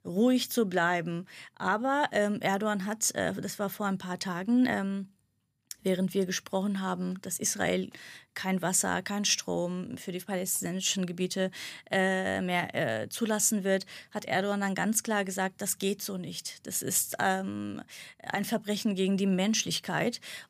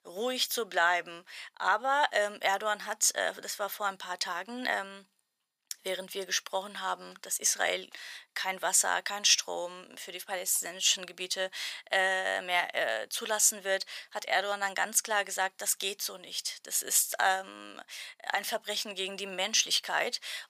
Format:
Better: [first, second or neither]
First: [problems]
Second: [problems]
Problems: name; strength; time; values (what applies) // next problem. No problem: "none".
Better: first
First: none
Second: thin; very; fading below 750 Hz